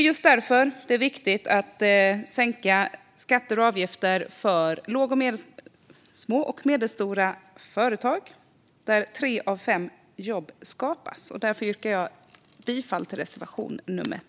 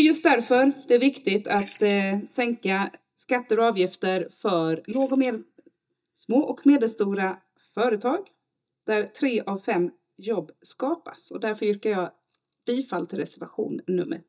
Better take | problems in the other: first | noise reduction (neural mask model DeepFilterNet 3)

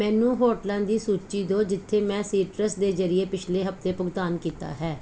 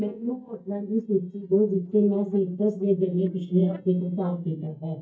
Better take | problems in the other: first | noise reduction (neural mask model DeepFilterNet 3)

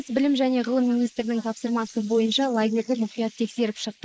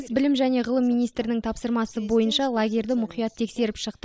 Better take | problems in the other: second | noise reduction (neural mask model Resemble Enhance denoiser)

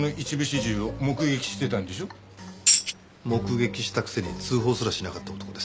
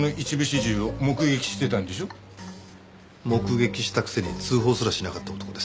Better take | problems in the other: second | background sound (Tambourine); 4 dB above the speech

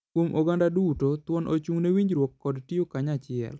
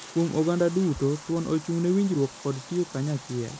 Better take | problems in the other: first | background sound (Bathtub (filling or washing)); 18 dB below the speech

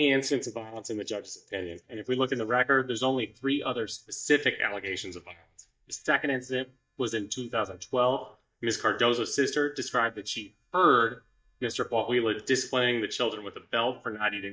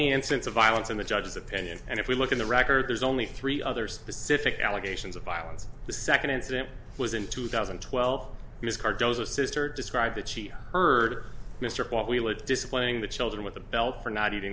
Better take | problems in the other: second | noise reduction (neural mask model DeepFilterNet 3)

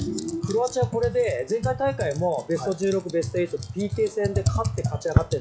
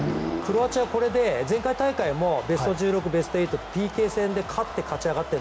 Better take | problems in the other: second | noise reduction (classical method log-MMSE)

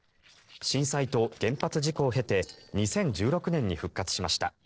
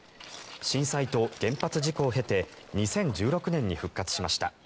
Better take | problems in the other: second | noise reduction (neural separator model SepFormer DNS4)

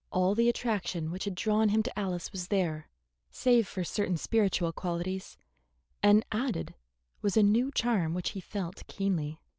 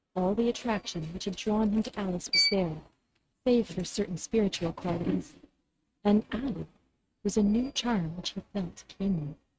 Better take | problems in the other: first | noise reduction (neural mask model RNNoise)

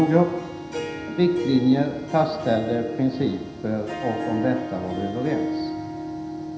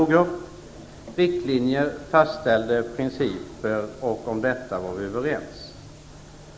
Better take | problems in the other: second | background sound (Harp); 8 dB below the speech // room echo; dies away in 0.9 s

